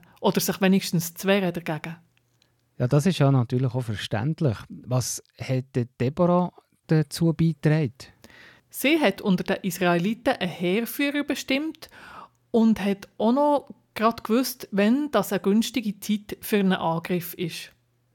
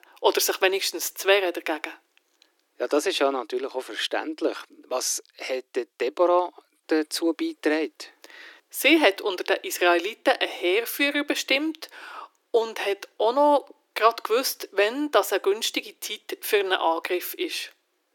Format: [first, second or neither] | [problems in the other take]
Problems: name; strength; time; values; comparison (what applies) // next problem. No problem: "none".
first | thin; very; fading below 300 Hz